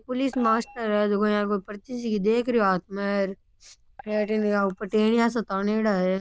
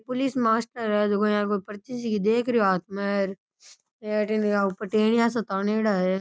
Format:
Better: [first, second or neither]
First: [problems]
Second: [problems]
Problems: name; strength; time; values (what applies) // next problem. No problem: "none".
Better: second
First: noise reduction (neural diffusion model UNIVERSE++)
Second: none